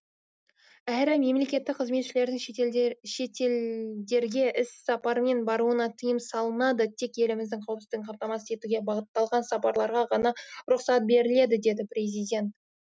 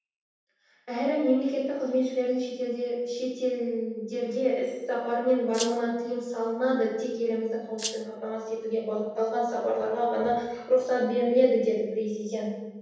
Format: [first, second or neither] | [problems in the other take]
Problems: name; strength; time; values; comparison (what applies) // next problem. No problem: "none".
first | background sound (Rattle (instrument)); 10 dB below the speech // room echo; dies away in 1.1 s